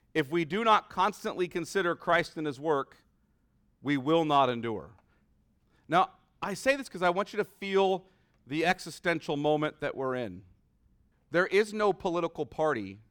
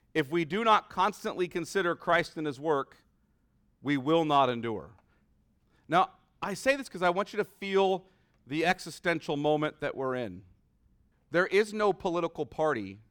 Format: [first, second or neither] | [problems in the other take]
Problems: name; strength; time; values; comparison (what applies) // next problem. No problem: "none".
neither | none